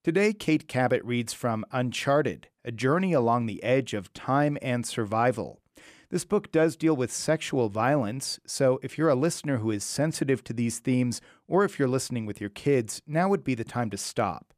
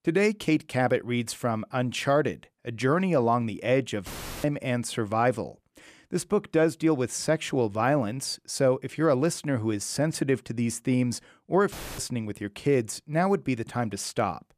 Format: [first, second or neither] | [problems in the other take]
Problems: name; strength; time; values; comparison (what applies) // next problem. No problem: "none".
first | audio cutting out; filled with static; at 4 s and at 12 s